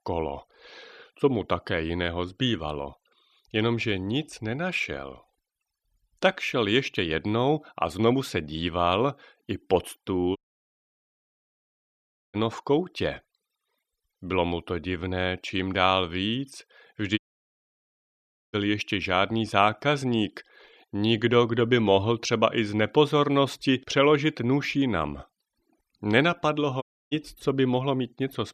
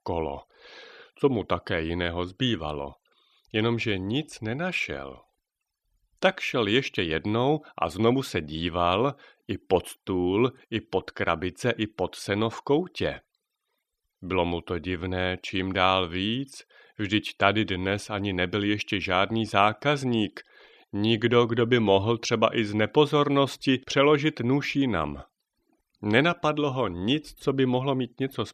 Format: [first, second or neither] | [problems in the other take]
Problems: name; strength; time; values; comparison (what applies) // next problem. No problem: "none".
second | audio cutting out; at 10 s for 2 s, at 17 s for 1.5 s and at 27 s